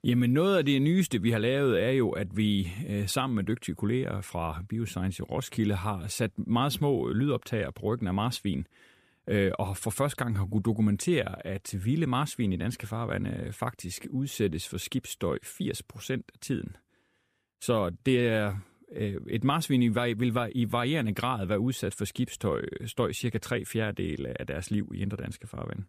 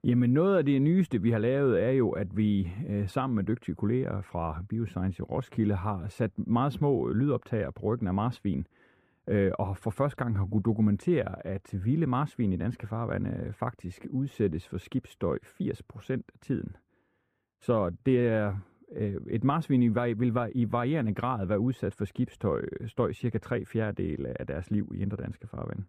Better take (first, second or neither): first